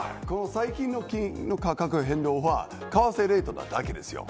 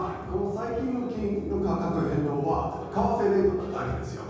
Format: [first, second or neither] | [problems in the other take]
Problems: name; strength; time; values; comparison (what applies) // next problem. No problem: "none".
first | room echo; dies away in 1.3 s